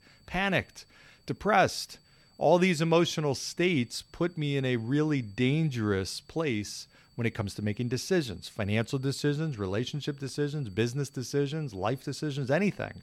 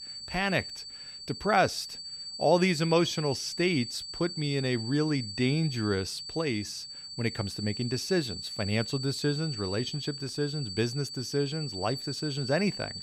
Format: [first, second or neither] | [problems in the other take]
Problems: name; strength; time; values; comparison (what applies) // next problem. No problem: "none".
first | high-pitched whine; loud; throughout; 4.5 kHz, 7 dB below the speech; faint in the first